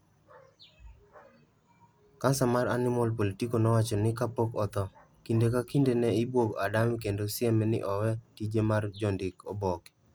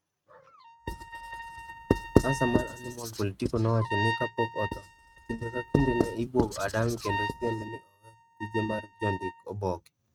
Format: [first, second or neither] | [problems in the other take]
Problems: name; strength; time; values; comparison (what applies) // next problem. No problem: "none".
first | noise reduction (neural mask model RNNoise)